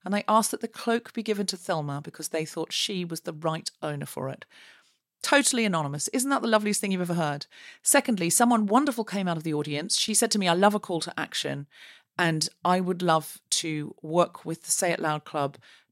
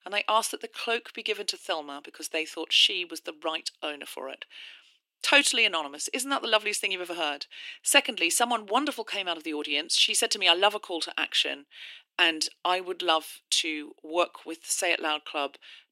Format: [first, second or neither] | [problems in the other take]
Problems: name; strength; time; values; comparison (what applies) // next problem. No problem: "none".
first | thin; somewhat; fading below 300 Hz